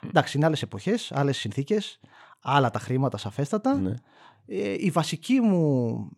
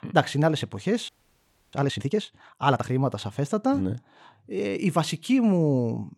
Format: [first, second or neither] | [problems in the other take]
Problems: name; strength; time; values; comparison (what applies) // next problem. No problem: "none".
first | audio freezing; at 1 s for 0.5 s